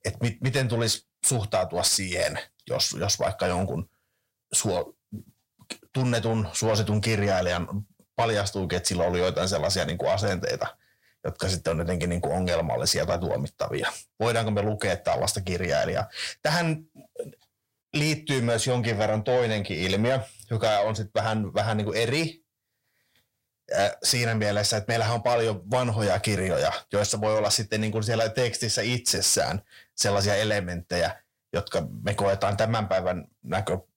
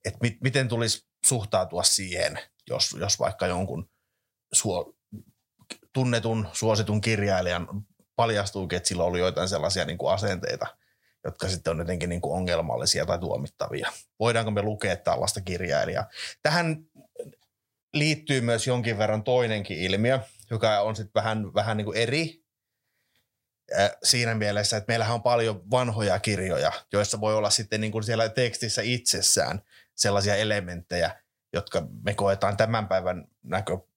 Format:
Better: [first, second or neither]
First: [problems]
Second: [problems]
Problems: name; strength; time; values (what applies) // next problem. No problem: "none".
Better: second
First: distortion; slight; 10 dB below the speech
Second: none